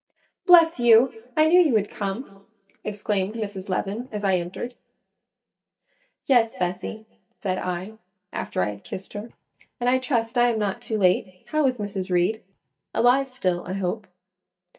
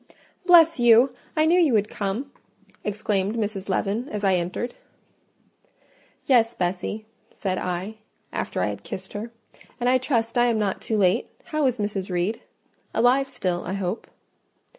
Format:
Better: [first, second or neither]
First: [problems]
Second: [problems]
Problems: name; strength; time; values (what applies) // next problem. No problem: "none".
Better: second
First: noise reduction (neural mask model DeepFilterNet 3)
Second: none